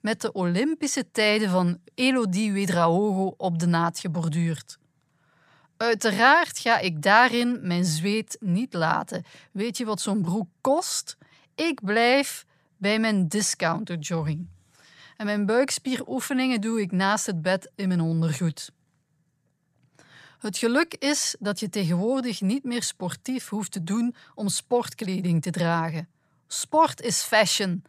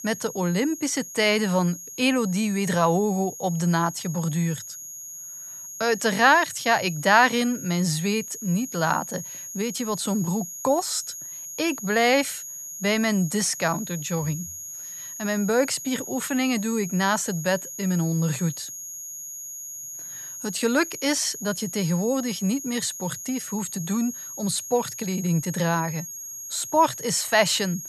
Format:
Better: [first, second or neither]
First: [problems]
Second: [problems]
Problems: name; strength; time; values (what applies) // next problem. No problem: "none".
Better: first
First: none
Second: high-pitched whine; noticeable; throughout; 6.5 kHz, 10 dB below the speech